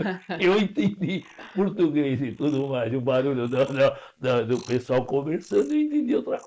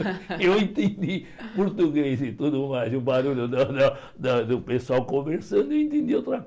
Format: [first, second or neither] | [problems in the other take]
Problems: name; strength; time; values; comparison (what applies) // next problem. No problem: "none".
second | noise reduction (neural mask model Resemble Enhance denoiser)